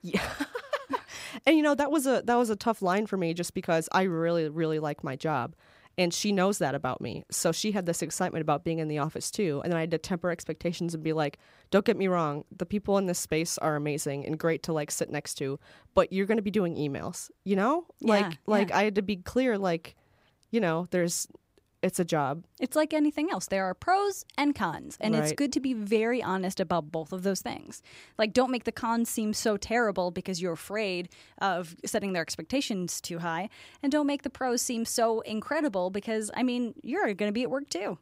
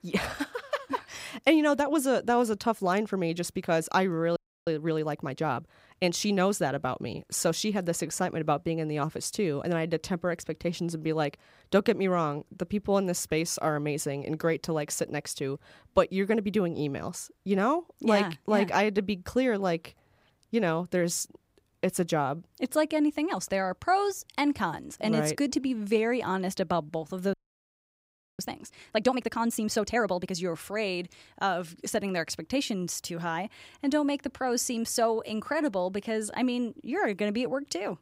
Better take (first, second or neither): first